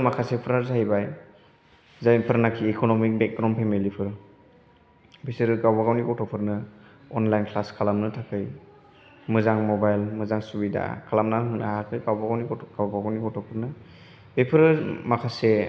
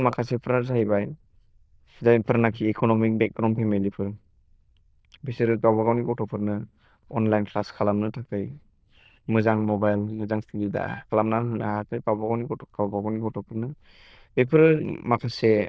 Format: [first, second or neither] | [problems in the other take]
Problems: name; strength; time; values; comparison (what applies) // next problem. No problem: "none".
first | noise reduction (neural diffusion model UNIVERSE++)